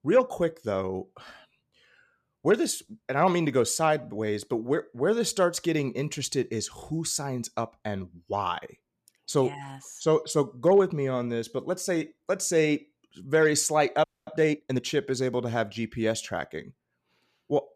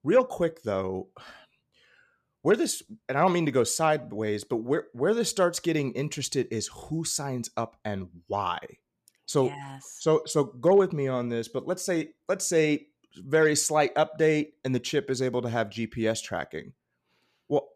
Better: second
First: audio freezing; at 14 s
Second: none

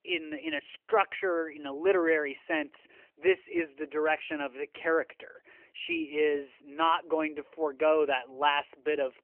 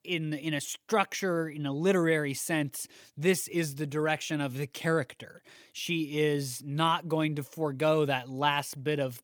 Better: second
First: phone-call audio; nothing above 3 kHz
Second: none

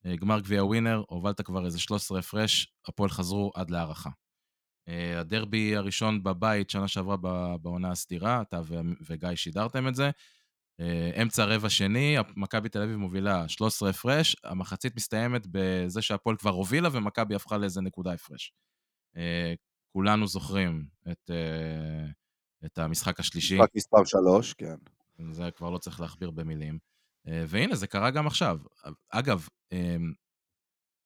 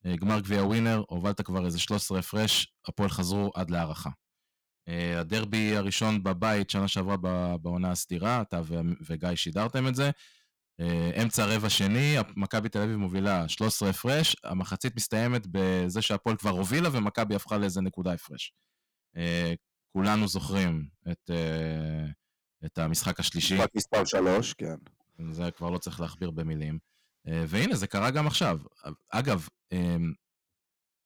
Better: first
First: none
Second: distortion; heavy; 6% of the sound clipped

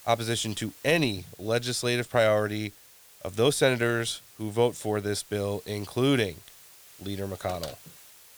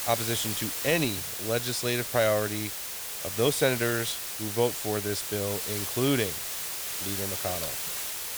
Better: first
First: hiss; faint; throughout; 20 dB below the speech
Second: hiss; loud; throughout; 1 dB below the speech

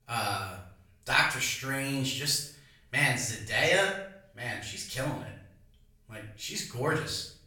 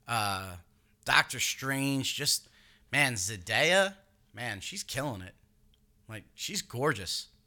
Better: second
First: off-mic speech; far // room echo; noticeable; dies away in 0.5 s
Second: none

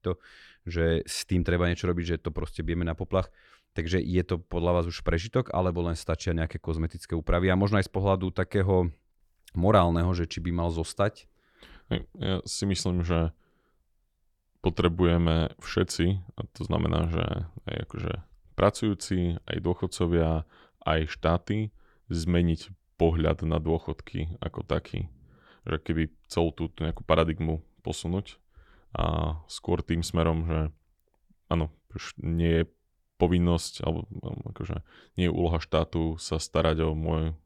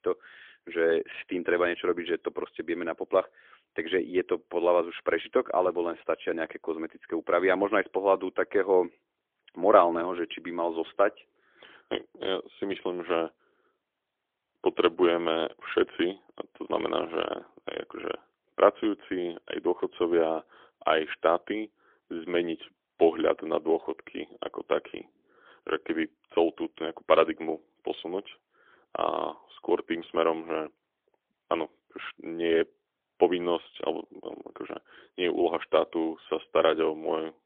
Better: first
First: none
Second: phone-call audio; poor line; nothing above 3.5 kHz

